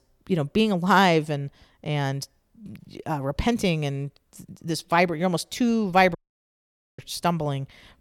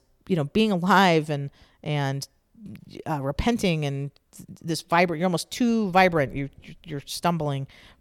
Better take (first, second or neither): second